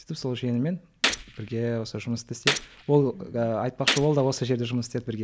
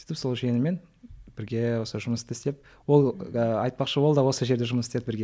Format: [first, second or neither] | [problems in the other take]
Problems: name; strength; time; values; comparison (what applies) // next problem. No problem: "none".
second | background sound (Gunshot, gunfire); 6 dB below the speech